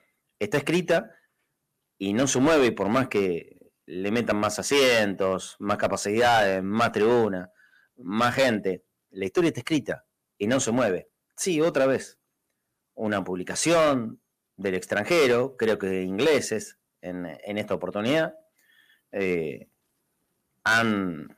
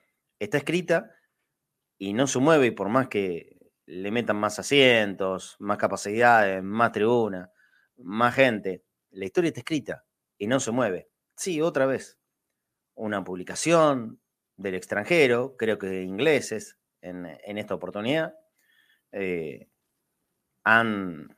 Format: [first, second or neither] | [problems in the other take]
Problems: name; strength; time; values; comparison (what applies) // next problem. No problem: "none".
second | distortion; heavy; 5% of the sound clipped